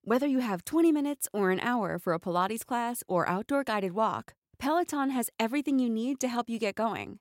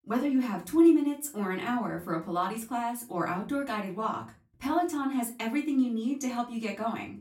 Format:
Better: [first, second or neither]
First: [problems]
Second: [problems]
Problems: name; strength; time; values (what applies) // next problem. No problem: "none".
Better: first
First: none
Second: off-mic speech; far // room echo; very slight; dies away in 0.3 s